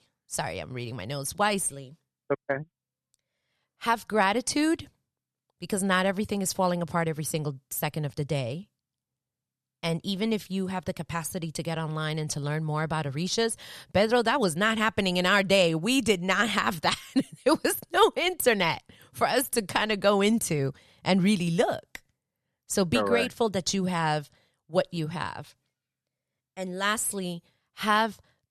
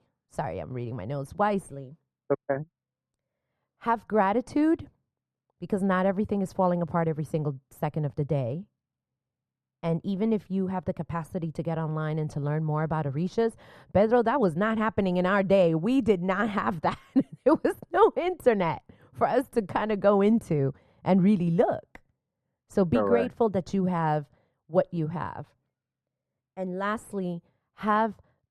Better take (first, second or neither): first